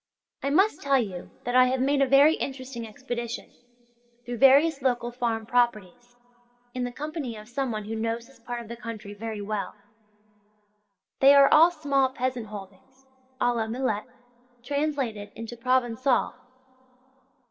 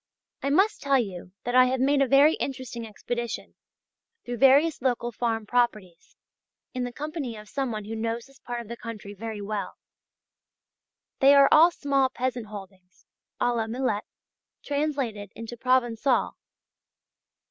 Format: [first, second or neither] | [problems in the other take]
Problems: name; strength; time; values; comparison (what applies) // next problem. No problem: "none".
second | room echo; dies away in 2.1 s